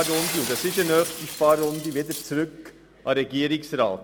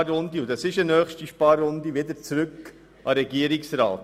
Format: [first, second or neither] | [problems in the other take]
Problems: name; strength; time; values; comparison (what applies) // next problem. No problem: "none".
second | background sound (Shatter); 10 dB below the speech